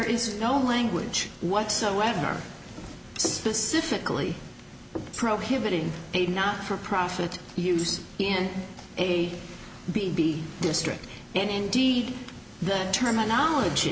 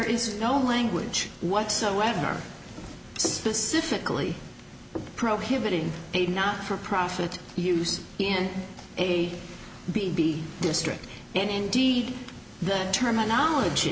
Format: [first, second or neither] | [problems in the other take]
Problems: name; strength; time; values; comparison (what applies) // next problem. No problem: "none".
second | background sound (Tambourine); 16 dB below the speech